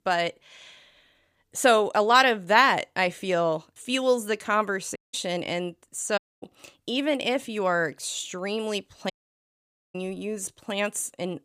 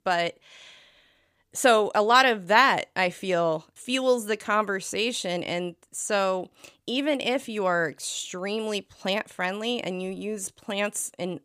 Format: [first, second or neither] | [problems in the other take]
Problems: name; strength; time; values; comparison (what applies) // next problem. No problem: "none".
second | audio cutting out; at 5 s, at 6 s and at 9 s for 1 s